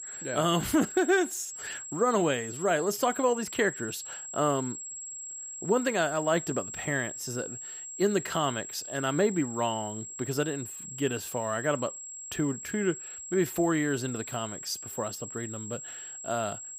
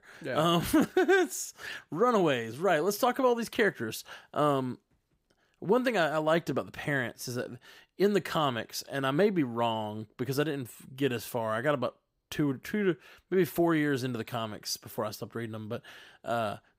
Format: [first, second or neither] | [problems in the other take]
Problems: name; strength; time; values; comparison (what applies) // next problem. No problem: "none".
second | high-pitched whine; loud; throughout; 7.5 kHz, 8 dB below the speech